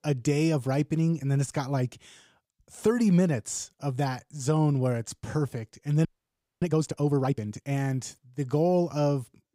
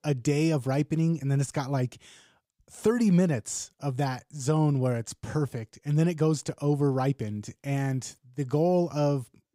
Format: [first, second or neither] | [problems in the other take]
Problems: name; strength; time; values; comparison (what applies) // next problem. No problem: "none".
second | audio freezing; at 6 s for 0.5 s